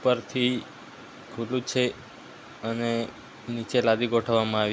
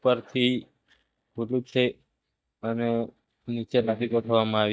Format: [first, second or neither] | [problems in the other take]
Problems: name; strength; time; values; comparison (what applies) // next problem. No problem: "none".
first | noise reduction (neural mask model DeepFilterNet 3)